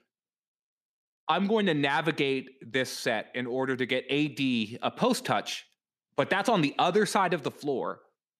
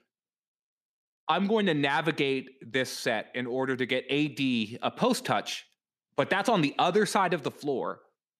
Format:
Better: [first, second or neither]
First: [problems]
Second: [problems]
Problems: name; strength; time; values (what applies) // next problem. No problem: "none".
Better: neither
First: none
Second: none